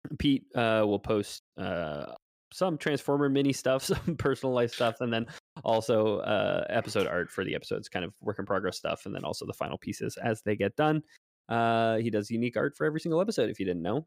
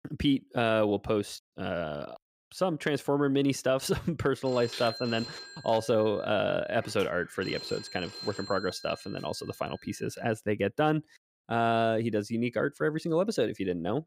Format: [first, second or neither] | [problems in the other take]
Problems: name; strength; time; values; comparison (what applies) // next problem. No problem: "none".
first | phone ringing; noticeable; from 4.5 to 10 s; peak 9 dB below the speech